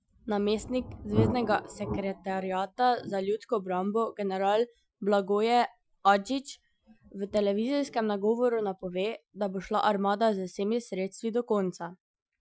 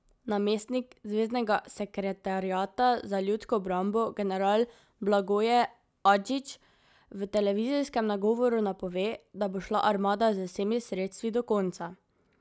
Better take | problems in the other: second | noise reduction (classical method Wiener filter)

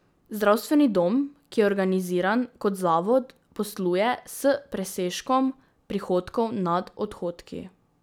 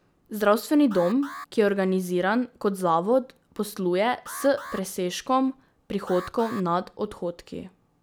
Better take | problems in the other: first | background sound (Alarm); 18 dB below the speech

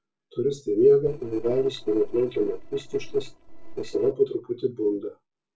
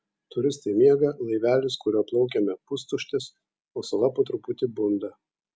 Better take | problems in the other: second | noise reduction (neural separator model SepFormer DNS4)

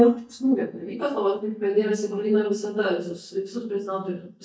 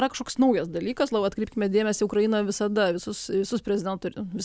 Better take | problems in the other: second | noise reduction (neural mask model DeepFilterNet 3)

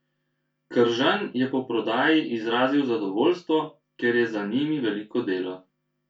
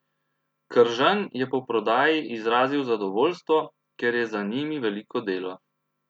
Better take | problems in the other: second | room echo; dies away in 0.2 s

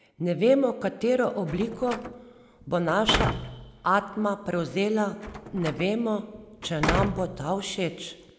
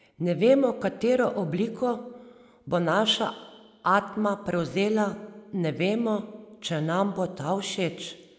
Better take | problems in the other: second | background sound (Slam); 7 dB below the speech

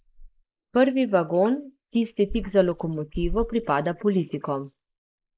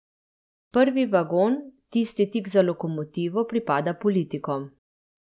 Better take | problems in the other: second | noise reduction (neural mask model Resemble Enhance denoiser)

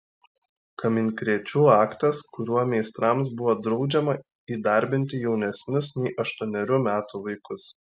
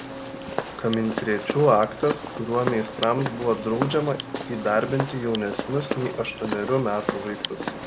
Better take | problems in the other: first | background sound (Walk, footsteps); 7 dB below the speech

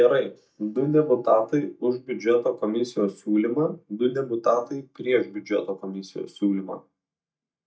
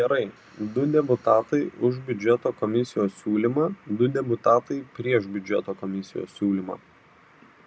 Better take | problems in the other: second | noise reduction (neural mask model DeepFilterNet 3)

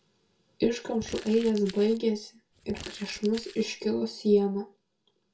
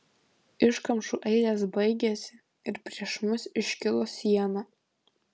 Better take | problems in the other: second | background sound (Crumpling, crinkling); 17 dB below the speech // room echo; dies away in 0.2 s

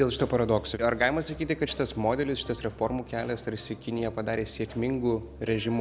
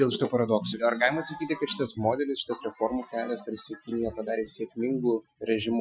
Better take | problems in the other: first | noise reduction (classical method Wiener filter)

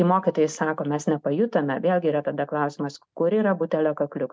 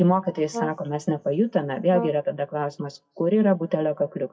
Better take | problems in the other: first | noise reduction (classical method WPE with log-MMSE)

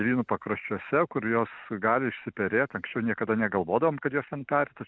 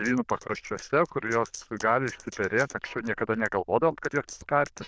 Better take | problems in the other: first | noise reduction (neural diffusion model UNIVERSE++)

